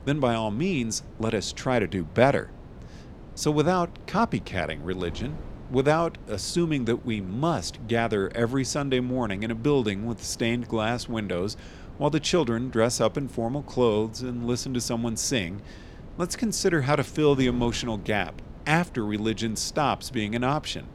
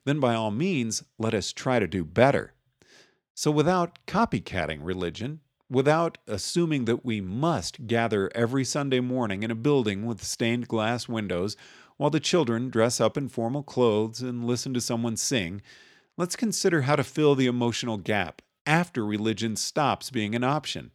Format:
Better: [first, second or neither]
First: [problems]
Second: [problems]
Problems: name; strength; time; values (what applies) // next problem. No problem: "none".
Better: second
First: wind noise on the microphone; occasional gusts; 20 dB below the speech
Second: none